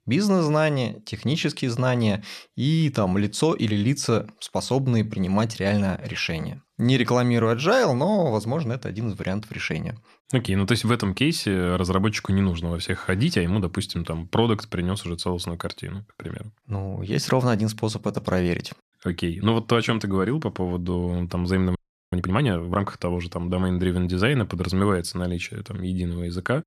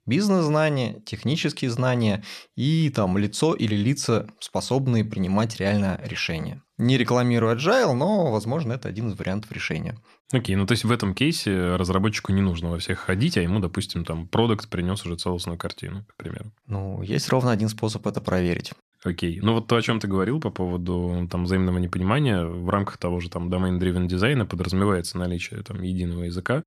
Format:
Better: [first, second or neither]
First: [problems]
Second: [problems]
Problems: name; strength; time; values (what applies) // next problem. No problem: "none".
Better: second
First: audio freezing; at 22 s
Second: none